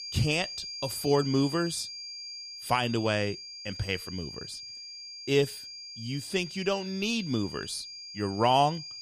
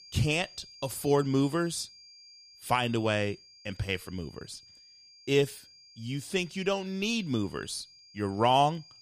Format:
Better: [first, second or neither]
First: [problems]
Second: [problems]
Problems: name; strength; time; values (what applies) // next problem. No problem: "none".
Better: second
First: high-pitched whine; loud; throughout; 5 kHz, 10 dB below the speech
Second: high-pitched whine; faint; throughout; 5 kHz, 20 dB below the speech